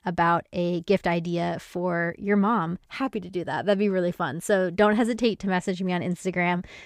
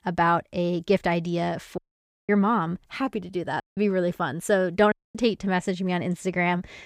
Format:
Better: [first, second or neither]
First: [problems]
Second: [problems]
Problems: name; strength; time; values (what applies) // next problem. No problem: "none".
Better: first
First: none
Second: audio cutting out; at 2 s for 0.5 s, at 3.5 s and at 5 s